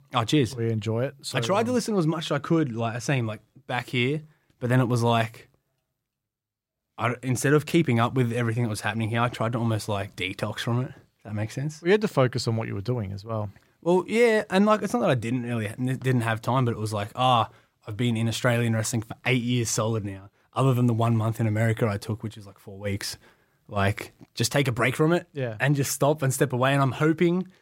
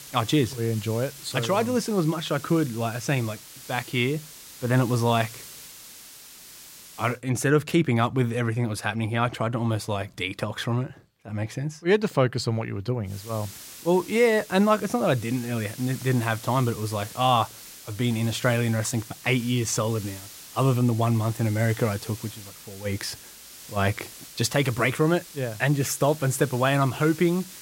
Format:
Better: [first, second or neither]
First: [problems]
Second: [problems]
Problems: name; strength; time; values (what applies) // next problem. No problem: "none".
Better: first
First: none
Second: hiss; noticeable; until 7 s and from 13 s on; 15 dB below the speech